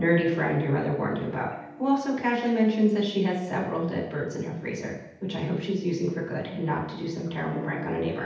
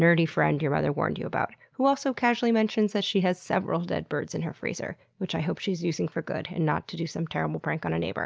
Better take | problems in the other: second | background sound (Guitar); 18 dB below the speech // room echo; dies away in 0.8 s

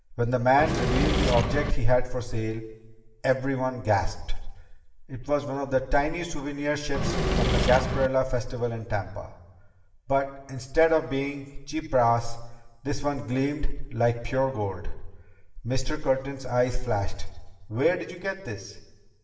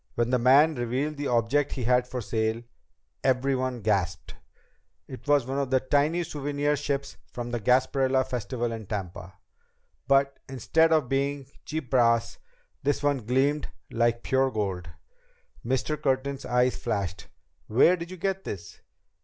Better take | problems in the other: second | background sound (Engine / Mechanisms); 1 dB above the speech // room echo; dies away in 1.1 s

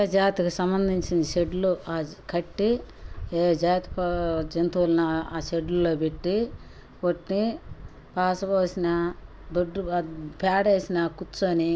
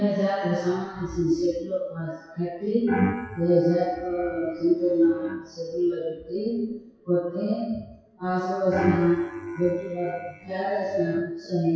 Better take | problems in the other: first | noise reduction (classical method WPE with log-MMSE)

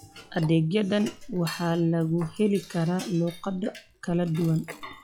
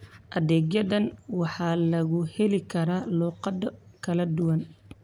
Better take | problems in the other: second | noise reduction (classical method log-MMSE)

